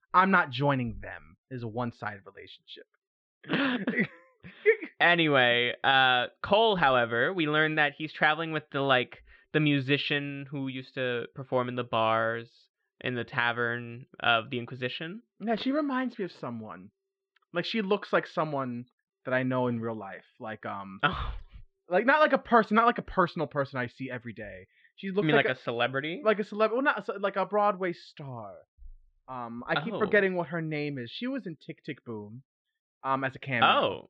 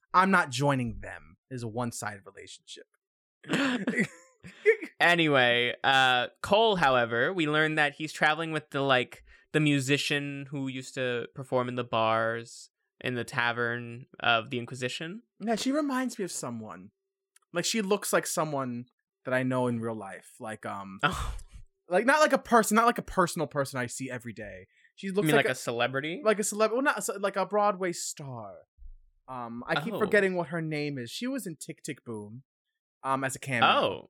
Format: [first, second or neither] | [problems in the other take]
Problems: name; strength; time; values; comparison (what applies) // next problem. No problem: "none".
second | muffled; slightly; fading above 4 kHz